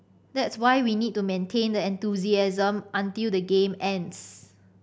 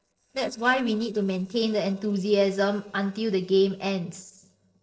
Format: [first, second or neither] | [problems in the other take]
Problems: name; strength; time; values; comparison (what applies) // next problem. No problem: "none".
first | noise reduction (neural separator model SepFormer DNS4)